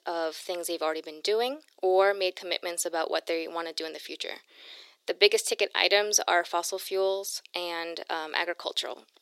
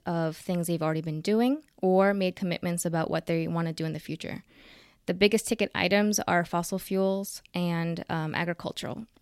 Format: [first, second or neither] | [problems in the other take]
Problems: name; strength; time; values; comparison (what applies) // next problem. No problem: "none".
second | thin; very; fading below 350 Hz